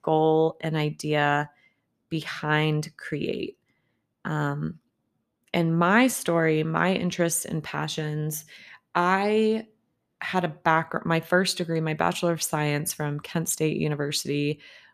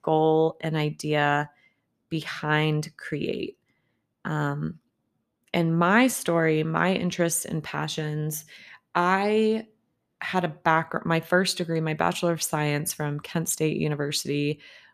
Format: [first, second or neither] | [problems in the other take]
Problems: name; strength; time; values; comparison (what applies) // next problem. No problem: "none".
neither | none